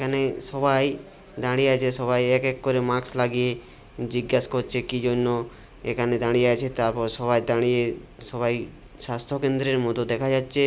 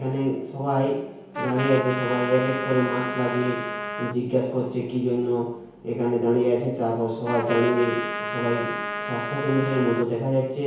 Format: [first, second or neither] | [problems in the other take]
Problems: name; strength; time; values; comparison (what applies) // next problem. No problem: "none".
first | background sound (Trumpet); 6 dB below the speech // room echo; dies away in 1 s